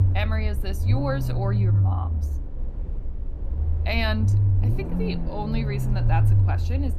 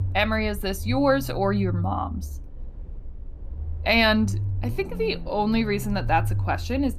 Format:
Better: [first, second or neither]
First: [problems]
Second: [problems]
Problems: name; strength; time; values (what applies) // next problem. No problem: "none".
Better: second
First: low rumble; loud; throughout; 6 dB below the speech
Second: low rumble; faint; throughout; 20 dB below the speech